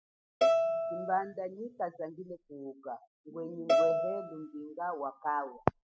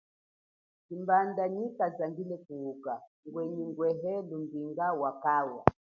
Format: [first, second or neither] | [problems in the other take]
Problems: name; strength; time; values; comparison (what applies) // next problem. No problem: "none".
second | noise reduction (classical method spectral subtraction)